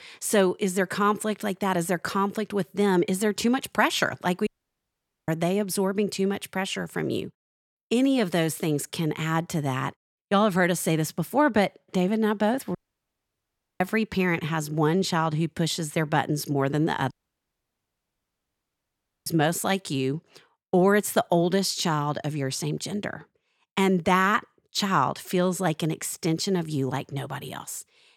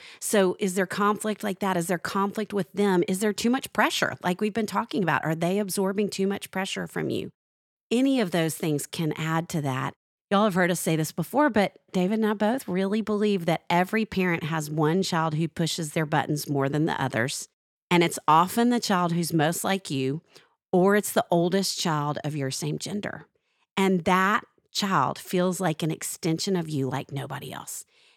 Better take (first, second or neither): second